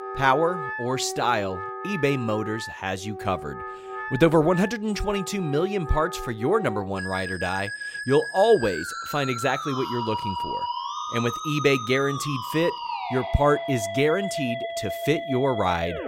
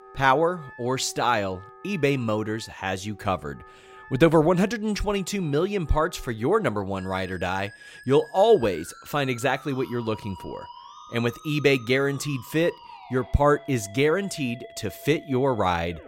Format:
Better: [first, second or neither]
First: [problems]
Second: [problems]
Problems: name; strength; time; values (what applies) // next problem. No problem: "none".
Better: second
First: background music; loud; throughout; 7 dB below the speech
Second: background music; faint; throughout; 20 dB below the speech